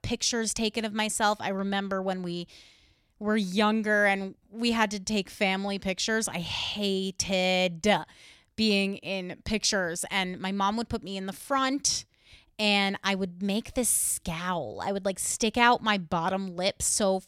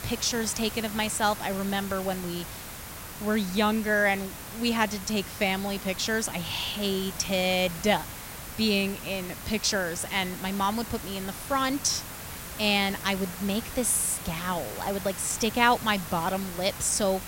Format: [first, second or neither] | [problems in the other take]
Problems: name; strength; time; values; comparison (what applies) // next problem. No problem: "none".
first | hiss; noticeable; throughout; 10 dB below the speech